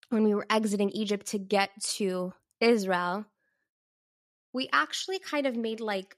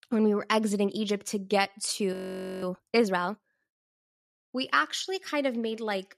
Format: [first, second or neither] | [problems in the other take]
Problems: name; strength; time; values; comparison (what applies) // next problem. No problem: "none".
first | audio freezing; at 2 s